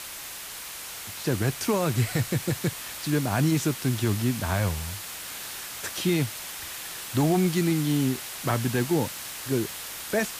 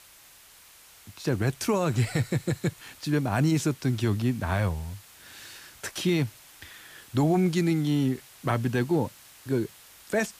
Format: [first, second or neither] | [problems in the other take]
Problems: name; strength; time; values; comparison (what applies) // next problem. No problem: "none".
second | hiss; loud; throughout; 8 dB below the speech; faint in the second